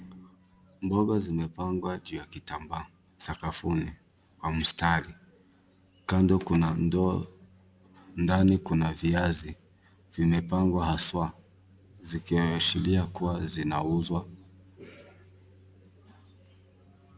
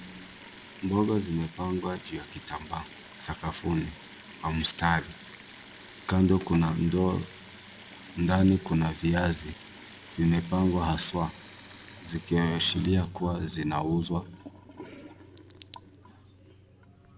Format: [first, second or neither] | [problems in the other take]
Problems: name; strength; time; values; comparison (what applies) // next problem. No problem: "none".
first | background sound (Sink (filling or washing) / Water tap, faucet); 19 dB below the speech